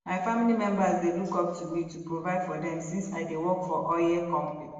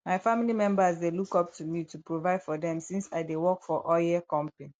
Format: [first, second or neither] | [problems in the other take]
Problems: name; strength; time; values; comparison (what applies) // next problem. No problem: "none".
second | room echo; dies away in 1.2 s